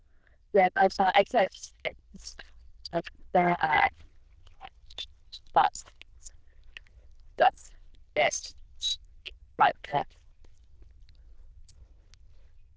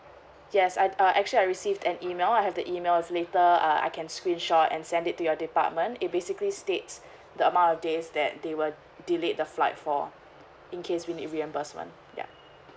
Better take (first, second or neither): second